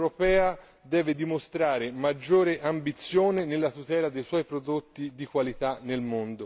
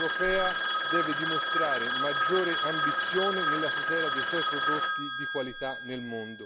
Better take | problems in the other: first | background sound (Telephone); 4 dB above the speech

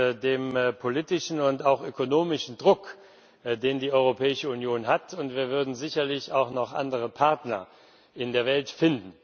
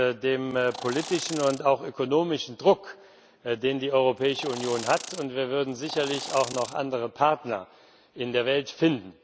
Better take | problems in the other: first | background sound (Insect); 12 dB below the speech

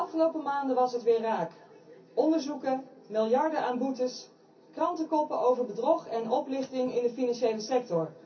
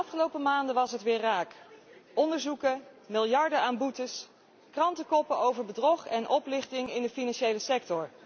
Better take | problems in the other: second | room echo; dies away in 0.3 s

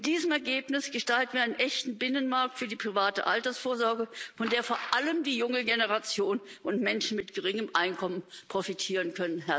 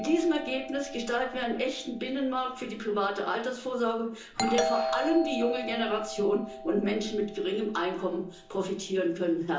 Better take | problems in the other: first | background sound (Doorbell); 8 dB below the speech // room echo; dies away in 0.8 s

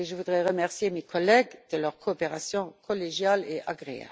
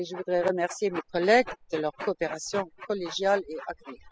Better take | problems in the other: first | noise reduction (classical method spectral subtraction)

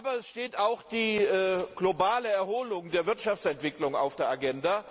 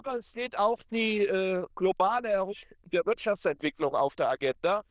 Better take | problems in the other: first | noise reduction (neural diffusion model UNIVERSE++)

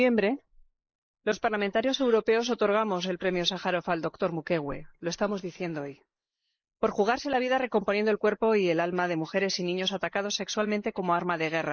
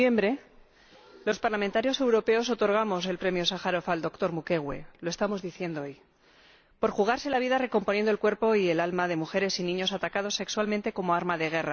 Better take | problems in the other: second | noise reduction (neural mask model Resemble Enhance denoiser)

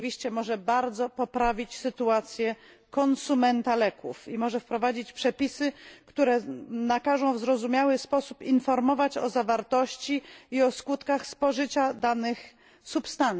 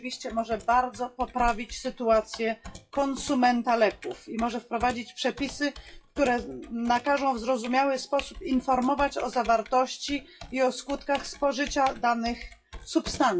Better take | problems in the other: first | noise reduction (classical method WPE with log-MMSE)

